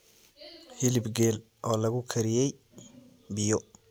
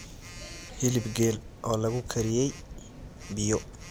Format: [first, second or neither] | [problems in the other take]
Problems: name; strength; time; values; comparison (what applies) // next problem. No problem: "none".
first | background sound (Telephone); 13 dB below the speech